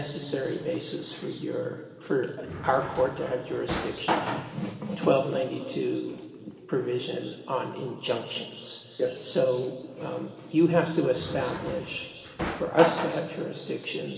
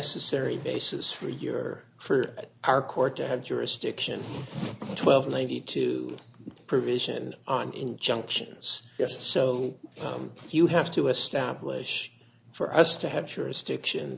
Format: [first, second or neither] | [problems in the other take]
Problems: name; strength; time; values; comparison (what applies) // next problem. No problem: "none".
second | background sound (Drawer open or close); 5 dB below the speech // room echo; dies away in 2.1 s